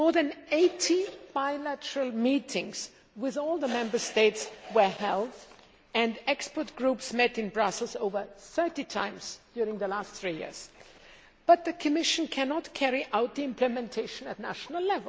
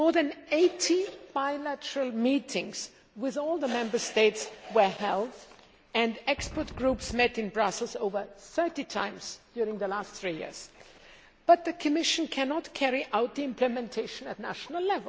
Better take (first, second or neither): first